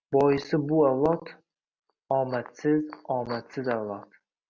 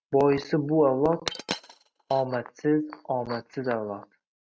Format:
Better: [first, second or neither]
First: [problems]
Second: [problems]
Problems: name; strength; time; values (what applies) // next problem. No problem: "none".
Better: first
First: none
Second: noise reduction (neural mask model RNNoise)